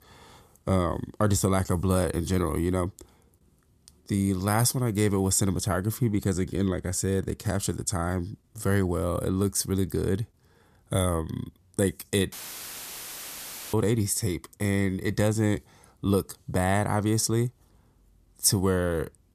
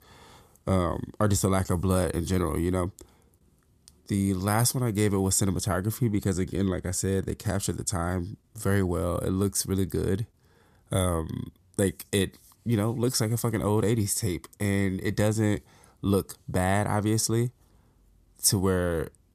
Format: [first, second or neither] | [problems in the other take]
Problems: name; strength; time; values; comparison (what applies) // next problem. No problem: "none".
second | audio cutting out; filled with static; at 12 s for 1.5 s